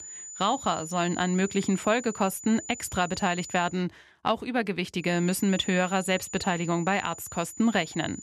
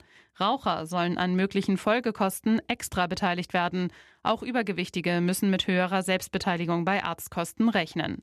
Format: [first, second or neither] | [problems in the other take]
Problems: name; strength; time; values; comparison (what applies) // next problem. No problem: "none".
second | high-pitched whine; noticeable; until 3.5 s and from 5 s on; 7 kHz, 15 dB below the speech